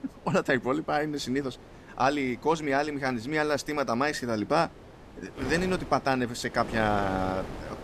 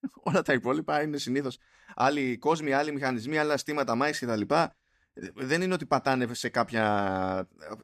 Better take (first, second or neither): second